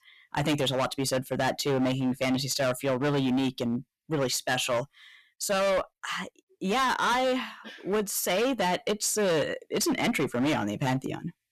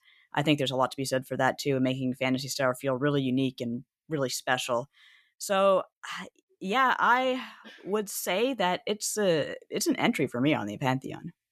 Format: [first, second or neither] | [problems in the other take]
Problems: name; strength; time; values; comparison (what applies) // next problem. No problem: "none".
second | distortion; heavy; 17% of the sound clipped